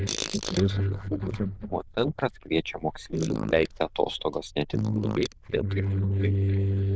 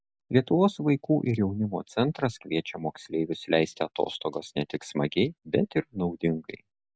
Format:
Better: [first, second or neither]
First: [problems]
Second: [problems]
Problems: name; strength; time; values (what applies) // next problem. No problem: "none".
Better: second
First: noise reduction (neural diffusion model UNIVERSE++)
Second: none